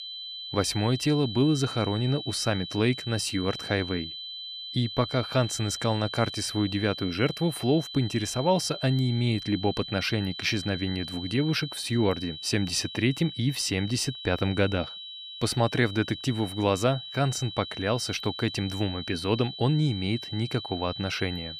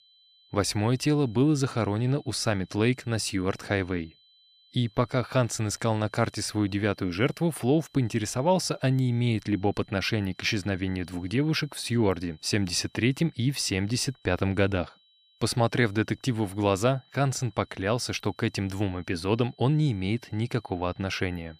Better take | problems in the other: second | high-pitched whine; loud; throughout; 4 kHz, 9 dB below the speech; faint in the second

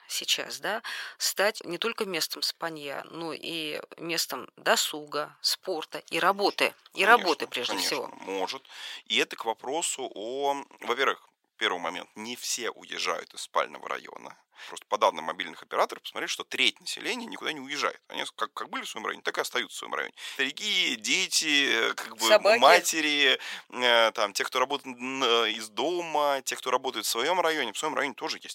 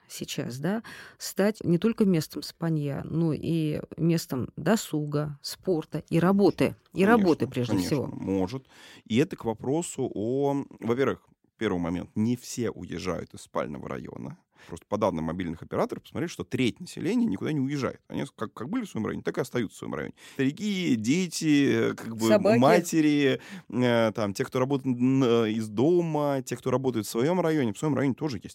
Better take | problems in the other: second | thin; very; fading below 850 Hz

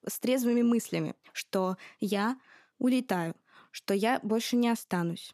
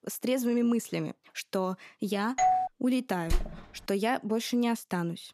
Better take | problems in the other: first | doorbell; loud; at 2.5 s; peak 5 dB above the speech // door banging; noticeable; at 3.5 s; peak 5 dB below the speech

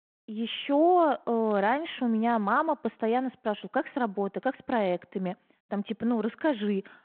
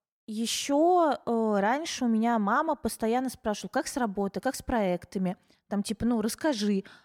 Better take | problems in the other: second | phone-call audio

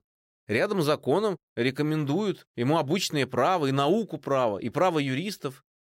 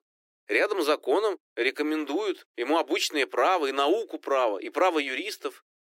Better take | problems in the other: first | thin; somewhat; fading below 300 Hz

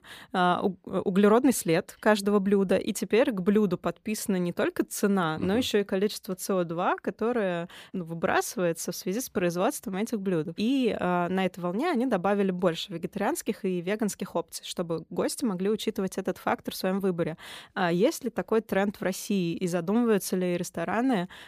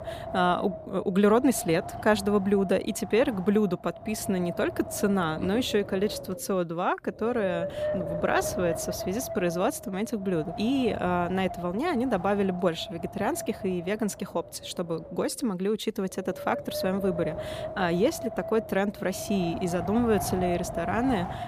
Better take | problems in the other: first | wind noise on the microphone; heavy; 7 dB below the speech

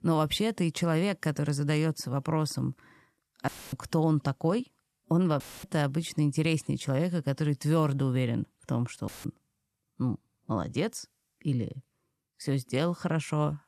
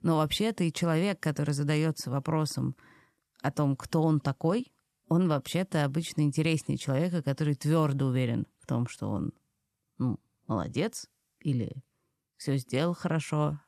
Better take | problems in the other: second | audio cutting out; filled with static; at 3.5 s, at 5.5 s and at 9 s

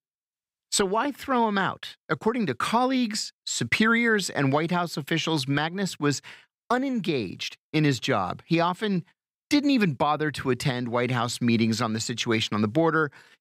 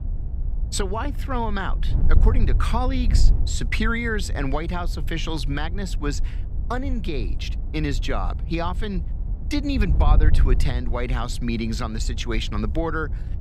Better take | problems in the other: first | wind noise on the microphone; occasional gusts; 15 dB below the speech

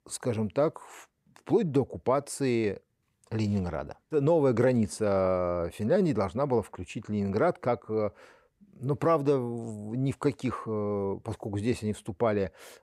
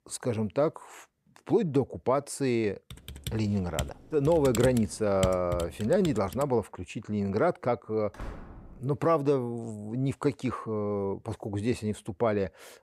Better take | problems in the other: first | keyboard typing; noticeable; from 3 to 6.5 s; peak 6 dB below the speech // door banging; faint; at 8 s; peak 15 dB below the speech

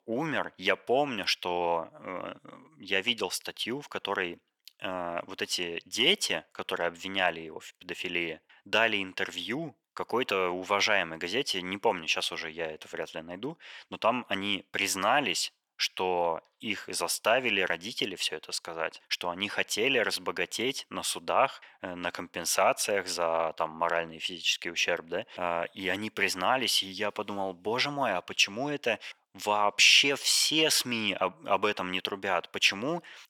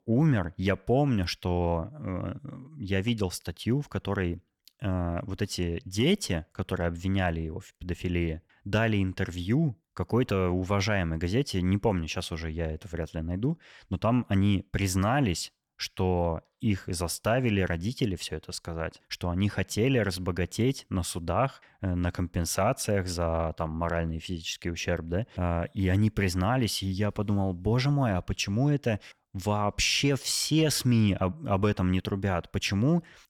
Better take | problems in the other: second | thin; very; fading below 450 Hz

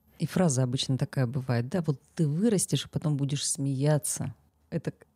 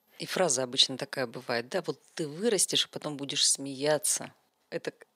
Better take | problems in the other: first | thin; somewhat; fading below 450 Hz

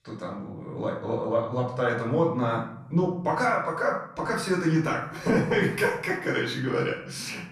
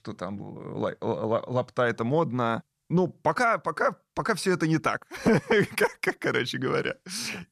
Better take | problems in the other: second | off-mic speech; far // room echo; noticeable; dies away in 0.6 s

